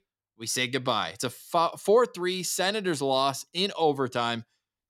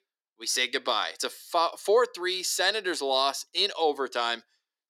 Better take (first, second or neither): first